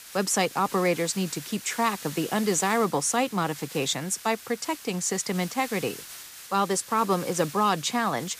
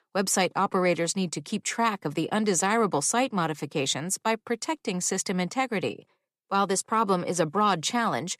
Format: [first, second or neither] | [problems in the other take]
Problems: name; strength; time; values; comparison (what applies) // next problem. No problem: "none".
second | hiss; noticeable; throughout; 15 dB below the speech